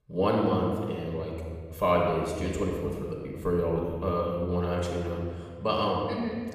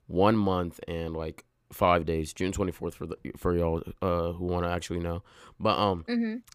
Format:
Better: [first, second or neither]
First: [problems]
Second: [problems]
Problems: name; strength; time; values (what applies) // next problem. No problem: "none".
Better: second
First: off-mic speech; somewhat distant // room echo; noticeable; dies away in 1.7 s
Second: none